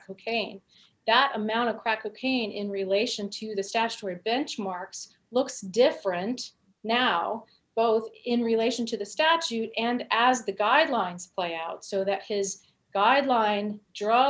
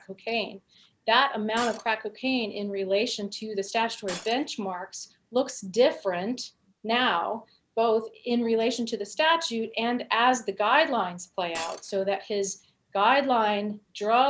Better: first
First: none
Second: background sound (Shatter); 17 dB below the speech

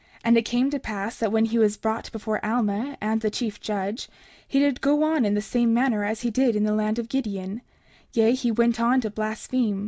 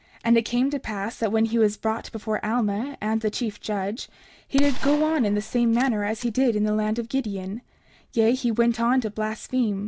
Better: first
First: none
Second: background sound (Gunshot, gunfire); 5 dB below the speech

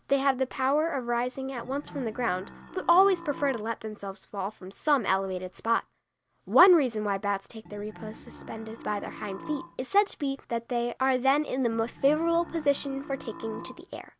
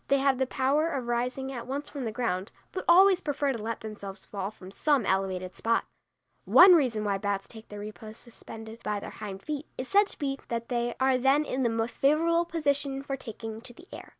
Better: second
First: background sound (Burping, eructation); 15 dB below the speech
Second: none

